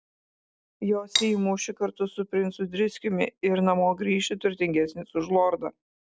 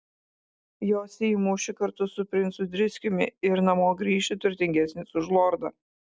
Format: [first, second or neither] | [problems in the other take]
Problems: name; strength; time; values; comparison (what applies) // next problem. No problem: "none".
second | background sound (Cutlery, silverware); 4 dB below the speech